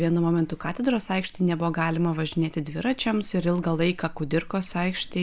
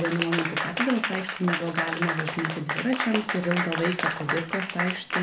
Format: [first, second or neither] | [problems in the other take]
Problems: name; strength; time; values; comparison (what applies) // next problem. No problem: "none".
first | background sound (Applause / Crowd); 2 dB below the speech // room echo; dies away in 0.3 s